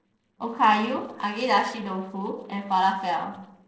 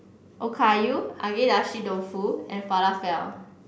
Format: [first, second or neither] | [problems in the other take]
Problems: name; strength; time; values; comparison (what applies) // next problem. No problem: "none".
second | noise reduction (neural separator model SepFormer DNS4)